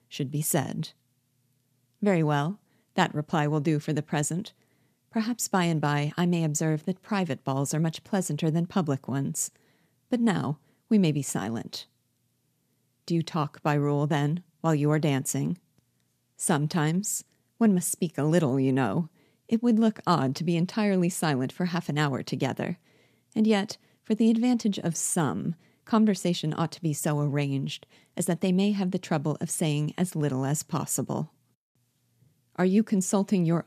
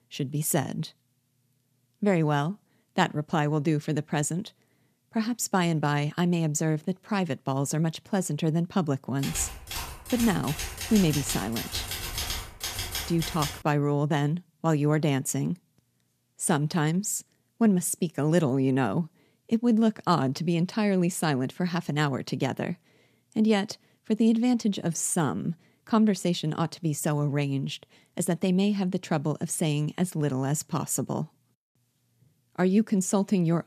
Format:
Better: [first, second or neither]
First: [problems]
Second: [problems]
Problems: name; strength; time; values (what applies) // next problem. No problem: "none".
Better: first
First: none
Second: keyboard typing; noticeable; from 9 to 14 s; peak 3 dB below the speech